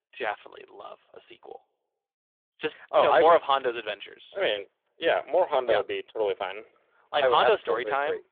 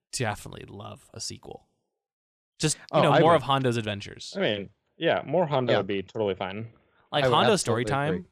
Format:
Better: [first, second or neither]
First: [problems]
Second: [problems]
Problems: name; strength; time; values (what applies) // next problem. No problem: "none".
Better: second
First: phone-call audio; nothing above 3.5 kHz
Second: none